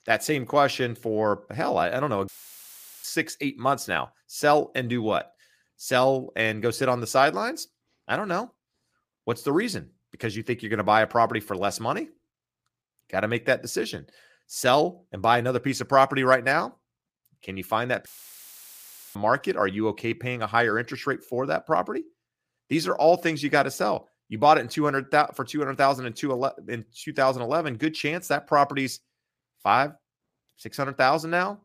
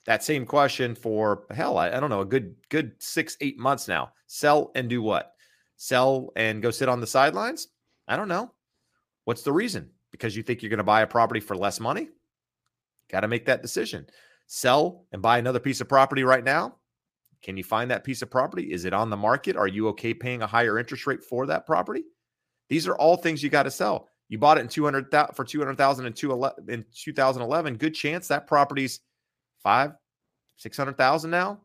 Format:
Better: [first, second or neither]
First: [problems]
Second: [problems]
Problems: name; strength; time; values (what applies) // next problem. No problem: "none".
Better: second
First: audio cutting out; filled with static; at 2.5 s for 1 s and at 18 s for 1 s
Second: none